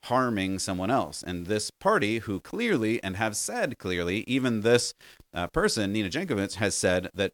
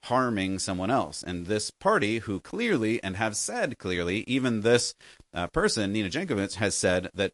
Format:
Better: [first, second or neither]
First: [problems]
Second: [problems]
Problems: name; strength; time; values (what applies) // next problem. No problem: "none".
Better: first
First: none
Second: garbled, watery; slightly